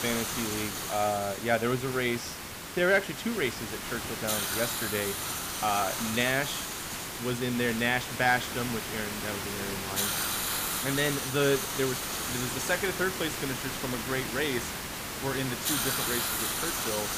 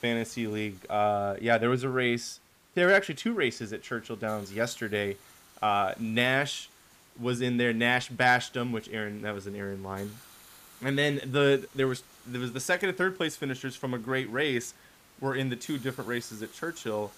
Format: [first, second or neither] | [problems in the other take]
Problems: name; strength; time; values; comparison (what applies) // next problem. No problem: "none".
second | hiss; loud; throughout; 1 dB below the speech; faint in the second